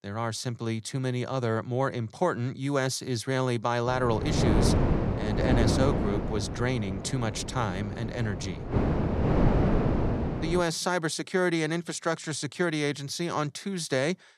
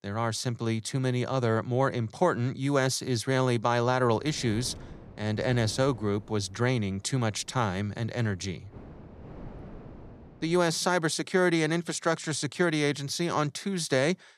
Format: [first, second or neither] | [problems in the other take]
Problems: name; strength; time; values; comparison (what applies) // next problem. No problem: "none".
second | wind noise on the microphone; heavy; from 4 to 11 s; 2 dB below the speech; occasional gusts in the second